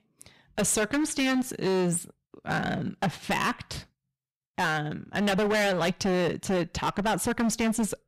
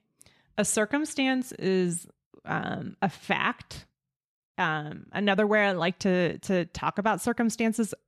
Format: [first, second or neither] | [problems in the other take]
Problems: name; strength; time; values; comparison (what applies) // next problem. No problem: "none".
second | distortion; heavy; 17% of the sound clipped